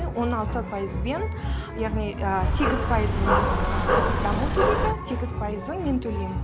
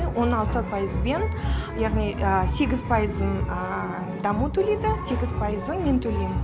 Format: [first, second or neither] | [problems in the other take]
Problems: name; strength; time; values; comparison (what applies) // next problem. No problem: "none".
second | background sound (Dog); 3 dB above the speech